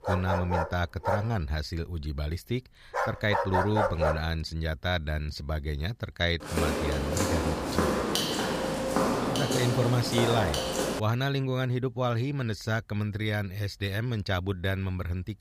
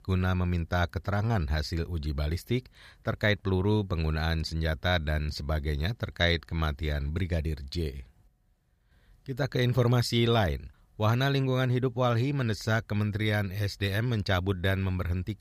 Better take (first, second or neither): second